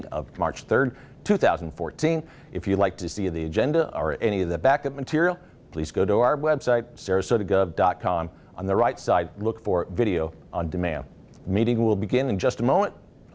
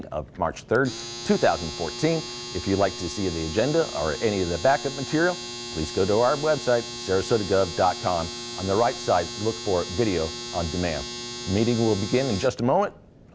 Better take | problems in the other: first | background sound (Domestic sounds, home sounds); 11 dB below the speech

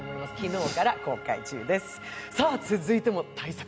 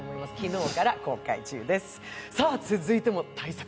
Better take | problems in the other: second | background sound (Organ); 16 dB below the speech

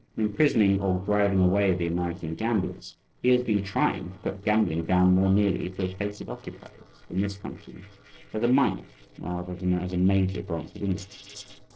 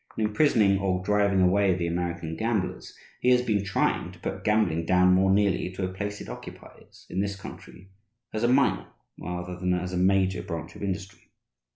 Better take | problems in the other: second | noise reduction (neural separator model SepFormer DNS4)

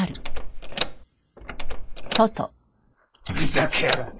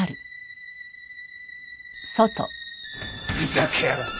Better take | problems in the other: second | noise reduction (neural mask model Resemble Enhance denoiser)

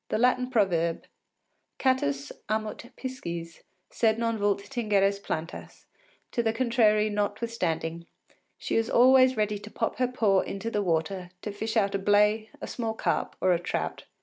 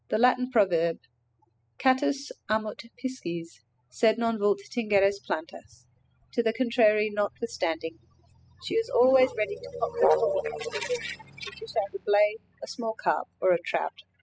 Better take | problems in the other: first | noise reduction (classical method spectral subtraction)

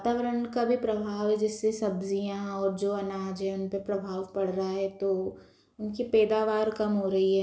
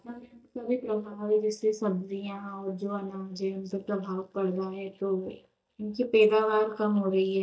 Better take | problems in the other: first | noise reduction (neural mask model DeepFilterNet 3)

